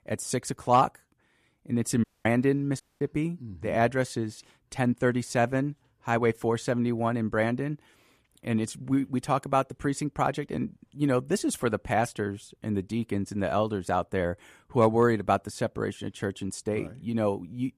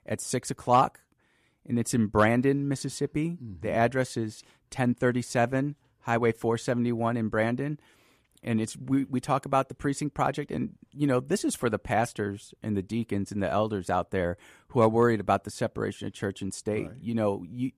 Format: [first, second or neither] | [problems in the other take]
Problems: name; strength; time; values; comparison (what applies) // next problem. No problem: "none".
second | audio cutting out; at 2 s and at 3 s